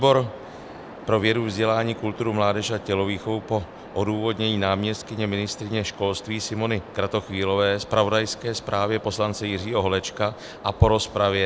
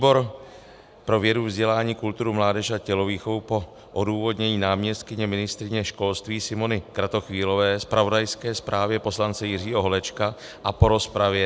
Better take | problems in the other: second | background sound (Waves, surf); 18 dB below the speech

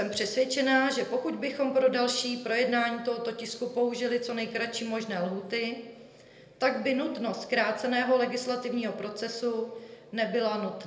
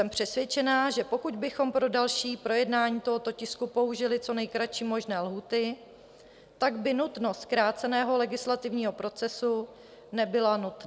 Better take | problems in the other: second | room echo; dies away in 0.8 s

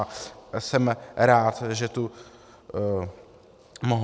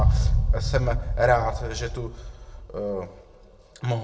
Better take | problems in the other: first | background sound (Boom); 2 dB above the speech // room echo; dies away in 0.5 s

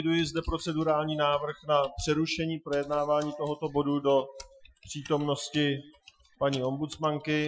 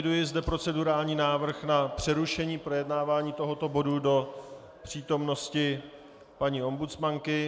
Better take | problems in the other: second | noise reduction (classical method Wiener filter)

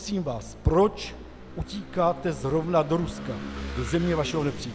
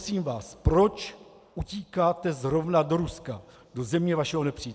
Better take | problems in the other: second | background sound (Engine / Vehicle); 11 dB below the speech

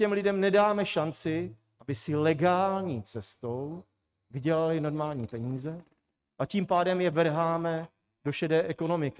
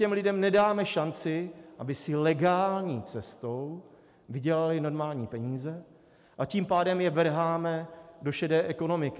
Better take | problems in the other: second | noise reduction (neural mask model RNNoise)

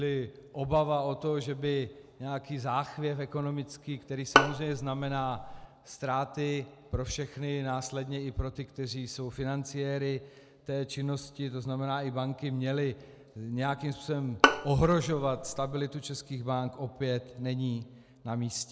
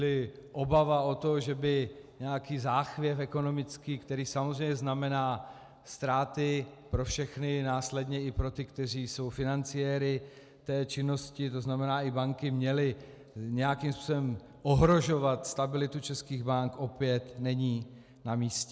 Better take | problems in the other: second | background sound (Bowed string instrument); 3 dB above the speech

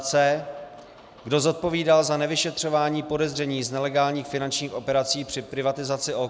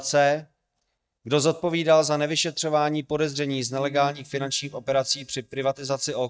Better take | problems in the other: first | noise reduction (neural mask model DeepFilterNet 3)

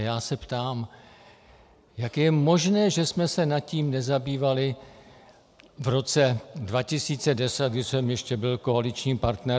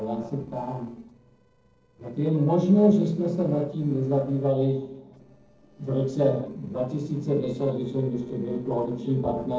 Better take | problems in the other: first | noise reduction (neural separator model SepFormer DNS4)

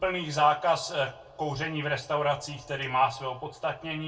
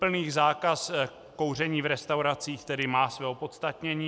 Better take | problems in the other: second | room echo; dies away in 0.2 s

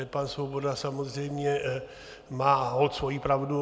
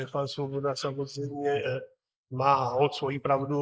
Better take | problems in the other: first | noise reduction (neural mask model Resemble Enhance denoiser)

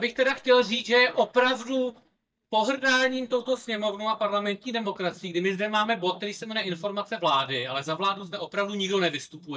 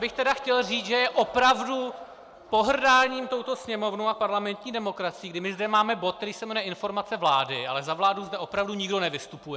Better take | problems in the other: second | noise reduction (neural mask model DeepFilterNet 3)

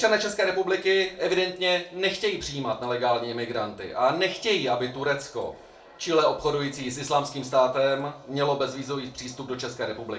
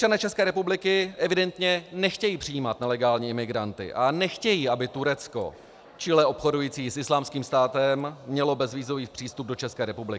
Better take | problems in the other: second | room echo; dies away in 0.3 s

